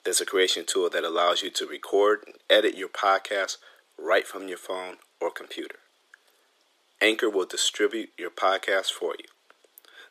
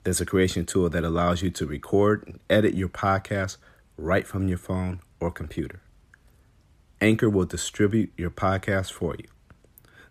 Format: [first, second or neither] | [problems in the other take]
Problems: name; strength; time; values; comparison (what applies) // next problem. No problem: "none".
second | thin; very; fading below 400 Hz